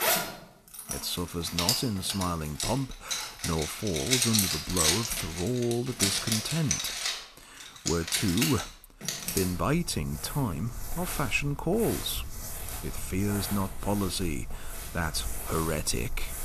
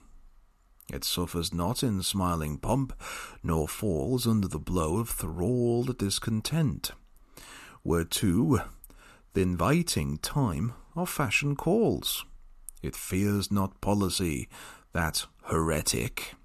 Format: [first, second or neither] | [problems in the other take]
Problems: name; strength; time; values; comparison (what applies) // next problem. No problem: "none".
second | household noises; loud; throughout; as loud as the speech